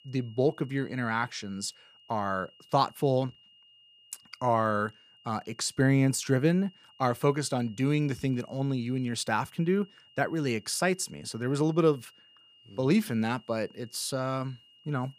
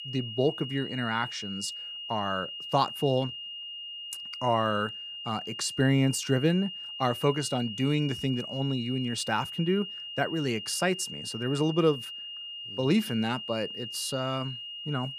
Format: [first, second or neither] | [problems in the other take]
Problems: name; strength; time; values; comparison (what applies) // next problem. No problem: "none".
first | high-pitched whine; loud; throughout; 3 kHz, 8 dB below the speech; faint in the first